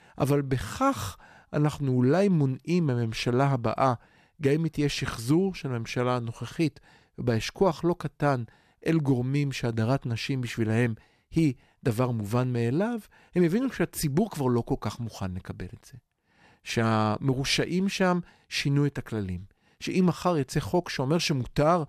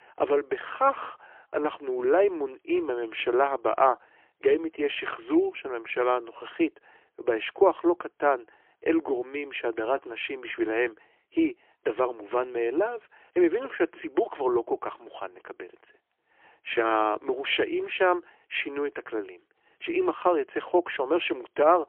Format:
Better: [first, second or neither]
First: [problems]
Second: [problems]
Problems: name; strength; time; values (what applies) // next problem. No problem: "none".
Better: first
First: none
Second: phone-call audio; poor line; nothing above 3.5 kHz